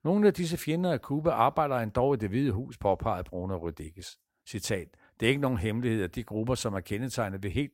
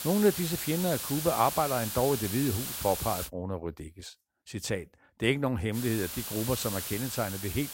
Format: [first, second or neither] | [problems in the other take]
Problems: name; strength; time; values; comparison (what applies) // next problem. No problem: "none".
first | hiss; loud; until 3.5 s and from 5.5 s on; 4 dB below the speech